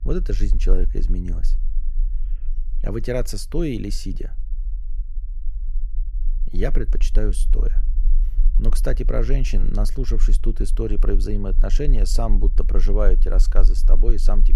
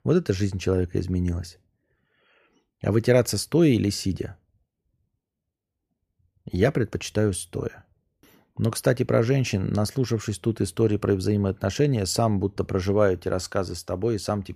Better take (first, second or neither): second